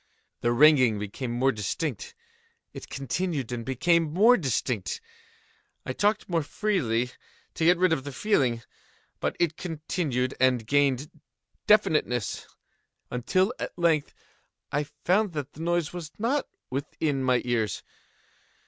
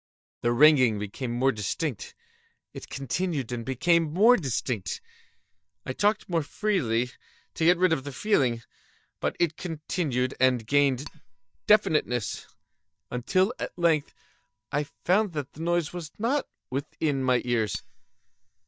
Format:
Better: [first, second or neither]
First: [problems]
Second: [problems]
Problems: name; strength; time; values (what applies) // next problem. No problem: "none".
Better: first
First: none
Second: noise reduction (neural mask model DeepFilterNet 3)